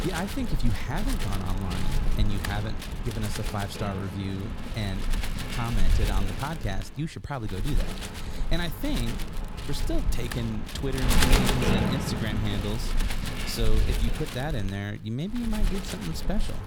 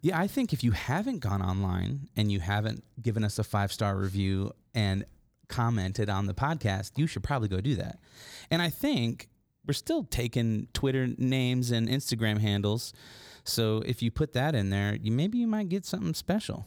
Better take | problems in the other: second | wind noise on the microphone; heavy; 1 dB above the speech

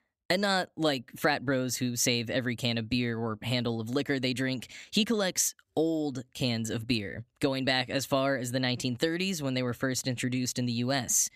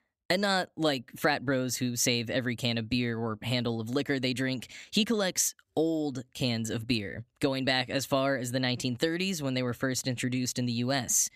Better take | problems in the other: neither | none

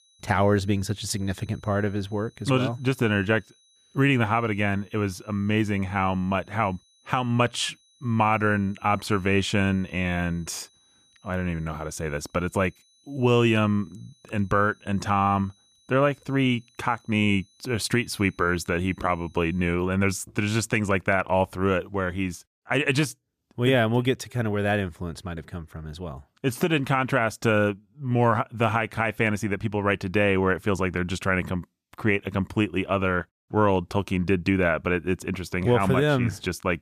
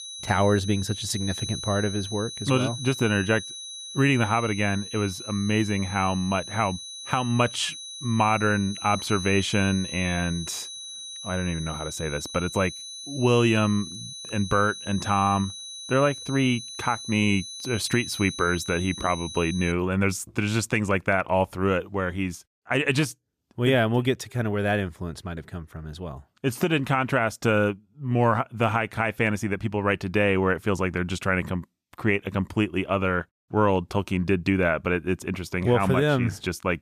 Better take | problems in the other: first | high-pitched whine; loud; until 20 s; 4 kHz, 10 dB below the speech; faint in the first

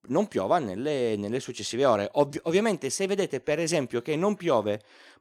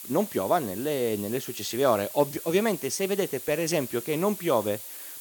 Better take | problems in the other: first | hiss; noticeable; throughout; 10 dB below the speech

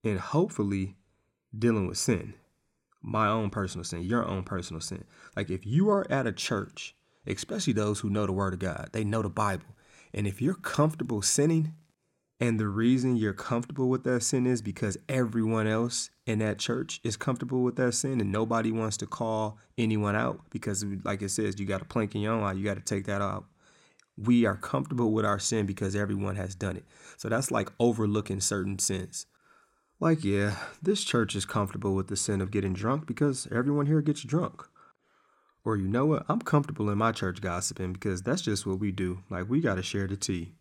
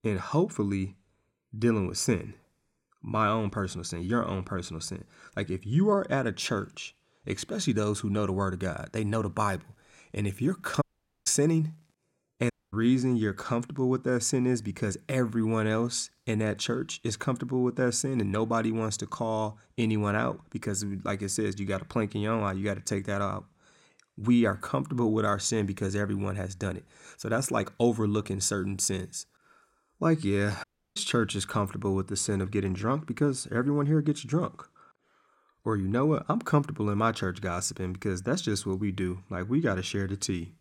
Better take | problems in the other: first | audio cutting out; at 11 s, at 13 s and at 31 s

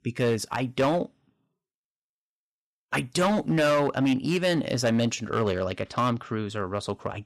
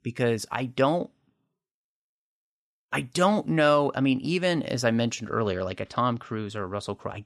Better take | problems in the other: second | distortion; slight; 6% of the sound clipped

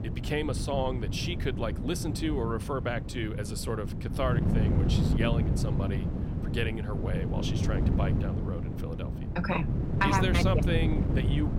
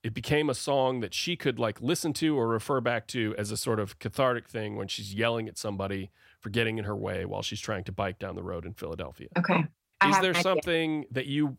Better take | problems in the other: second | wind noise on the microphone; heavy; 6 dB below the speech

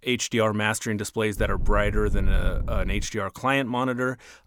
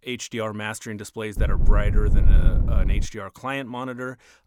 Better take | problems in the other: first | low rumble; loud; from 1.5 to 3 s; 8 dB below the speech; faint in the first

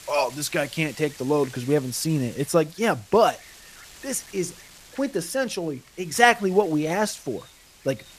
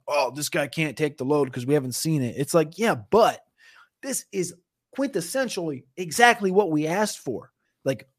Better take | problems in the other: second | wind noise on the microphone; occasional gusts; 20 dB below the speech

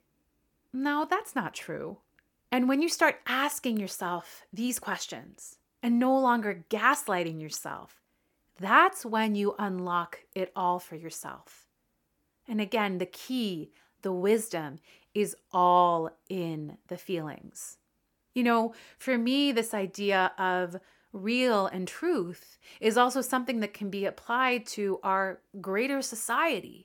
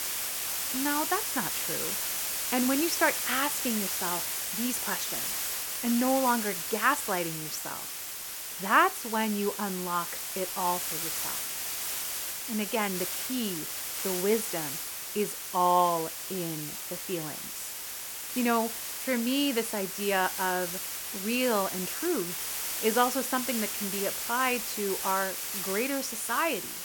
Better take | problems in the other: first | hiss; loud; throughout; 2 dB below the speech

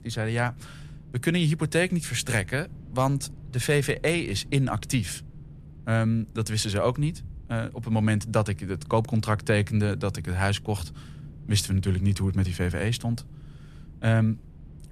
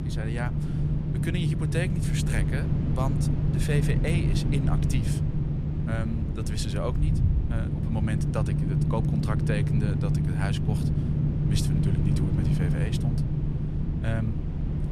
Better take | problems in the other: first | low rumble; loud; throughout; as loud as the speech; faint in the first

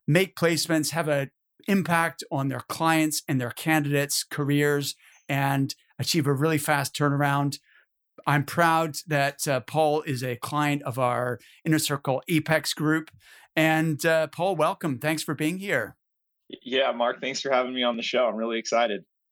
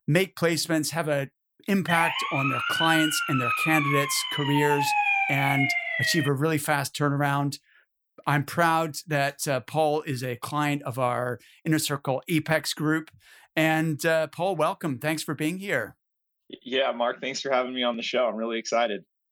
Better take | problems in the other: first | siren; loud; from 2 to 6.5 s; peak 4 dB above the speech

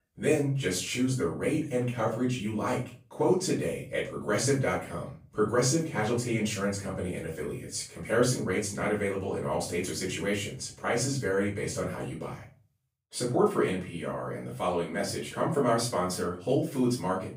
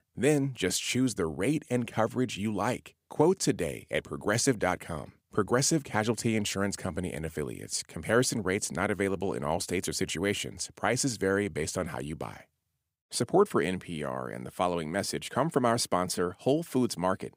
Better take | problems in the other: second | off-mic speech; far // room echo; slight; dies away in 0.3 s

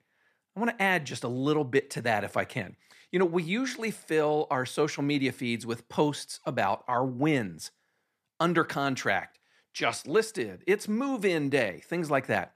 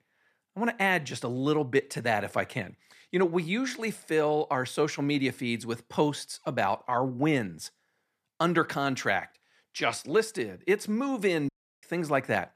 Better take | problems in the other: first | audio cutting out; at 11 s

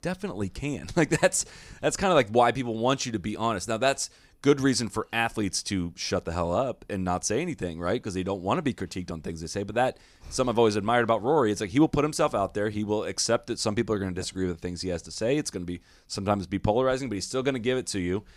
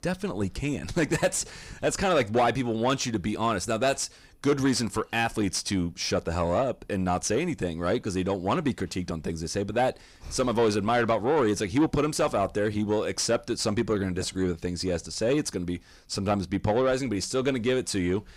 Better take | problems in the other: first | distortion; slight; 10 dB below the speech

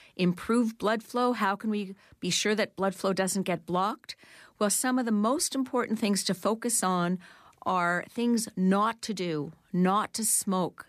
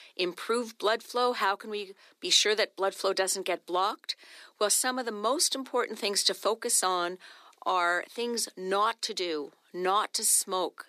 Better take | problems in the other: first | thin; somewhat; fading below 350 Hz

